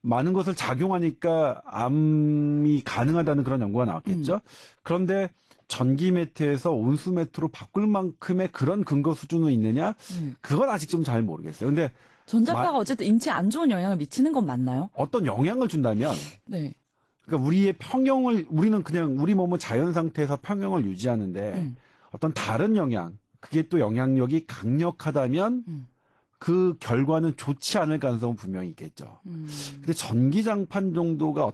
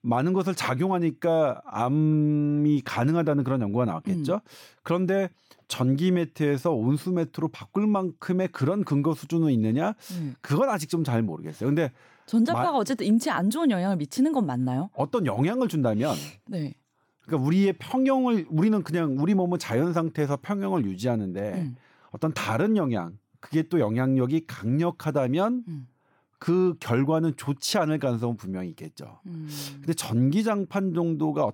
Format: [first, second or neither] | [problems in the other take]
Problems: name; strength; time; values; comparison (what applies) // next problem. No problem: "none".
second | garbled, watery; slightly; nothing above 15.5 kHz